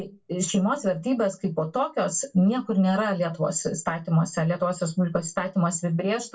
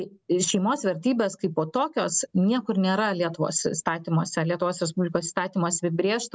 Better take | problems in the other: second | room echo; dies away in 0.2 s

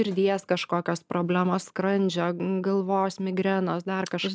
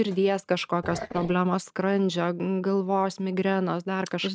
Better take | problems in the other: first | noise reduction (neural mask model RNNoise)

